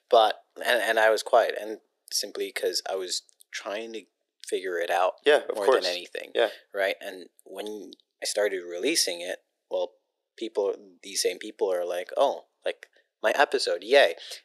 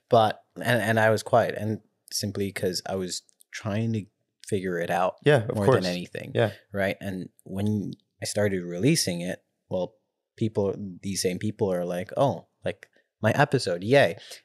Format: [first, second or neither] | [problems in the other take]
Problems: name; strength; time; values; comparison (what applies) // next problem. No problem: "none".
second | thin; very; fading below 350 Hz